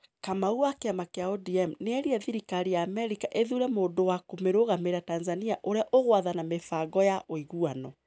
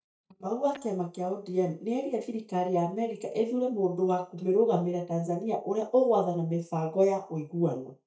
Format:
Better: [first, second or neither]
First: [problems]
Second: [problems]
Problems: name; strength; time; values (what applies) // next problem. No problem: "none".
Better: first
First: none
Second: noise reduction (neural mask model DeepFilterNet 3)